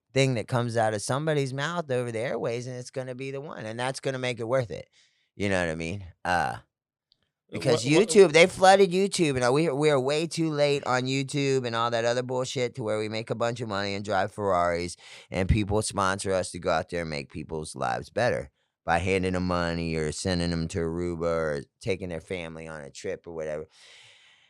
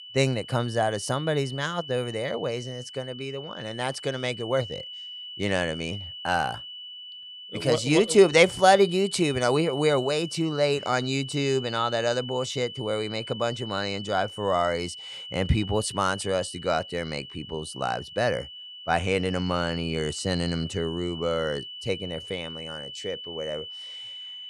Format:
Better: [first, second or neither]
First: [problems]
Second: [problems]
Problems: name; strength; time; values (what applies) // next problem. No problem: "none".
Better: first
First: none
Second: high-pitched whine; noticeable; throughout; 3 kHz, 10 dB below the speech